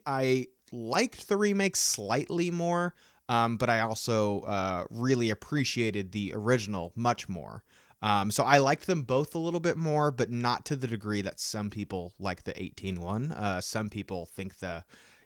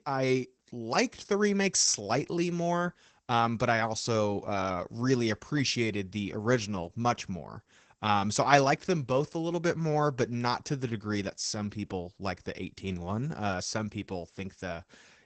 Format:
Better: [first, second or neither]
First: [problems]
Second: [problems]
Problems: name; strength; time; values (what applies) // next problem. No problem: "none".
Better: first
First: garbled, watery; slightly; nothing above 19 kHz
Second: garbled, watery; badly; nothing above 8 kHz